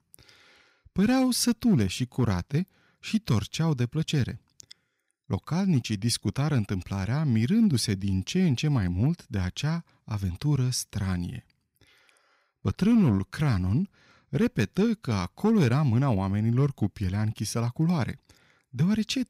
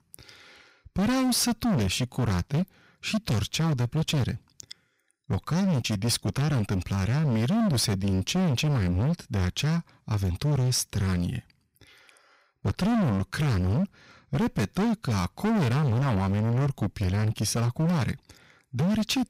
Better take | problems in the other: first | distortion; heavy; 26% of the sound clipped

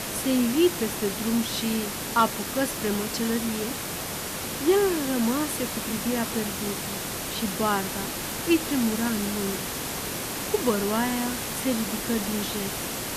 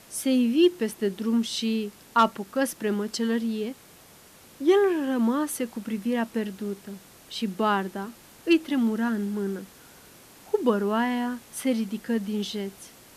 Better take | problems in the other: second | hiss; loud; throughout; 3 dB below the speech; faint in the second

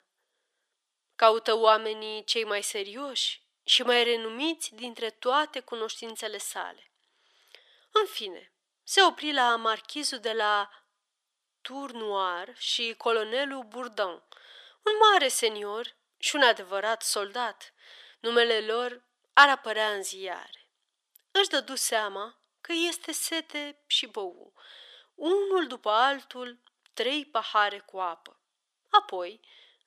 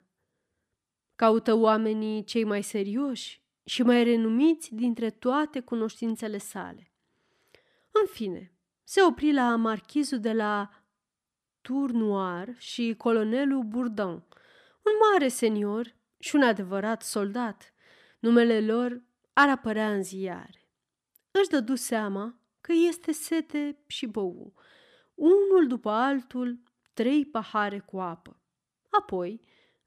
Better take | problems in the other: second | thin; very; fading below 550 Hz

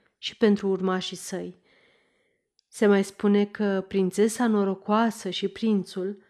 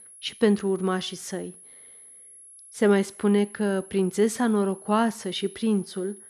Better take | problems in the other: first | high-pitched whine; noticeable; throughout; 11 kHz, 20 dB below the speech

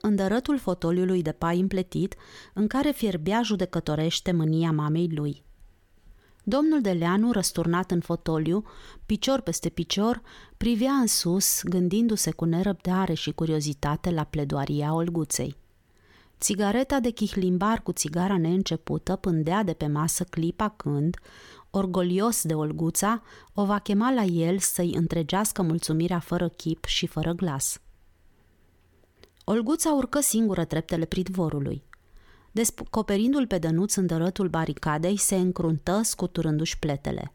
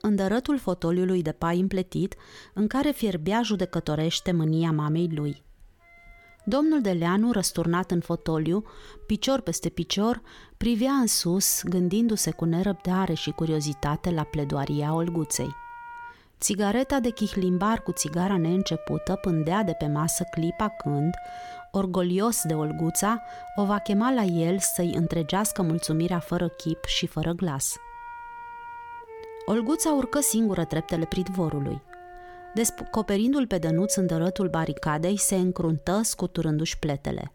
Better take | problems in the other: first | background music; noticeable; throughout; 15 dB below the speech

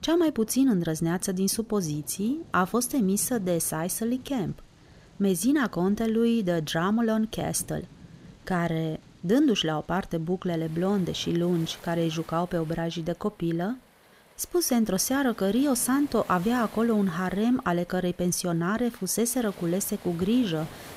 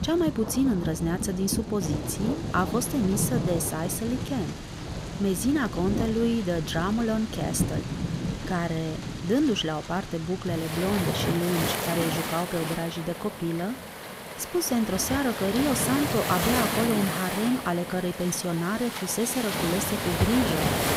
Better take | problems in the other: first | rain or running water; loud; throughout; 3 dB below the speech; faint in the first

